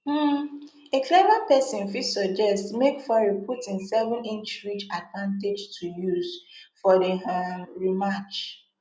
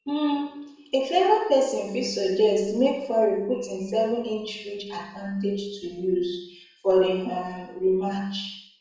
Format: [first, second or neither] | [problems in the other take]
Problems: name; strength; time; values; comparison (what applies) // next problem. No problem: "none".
first | room echo; dies away in 0.7 s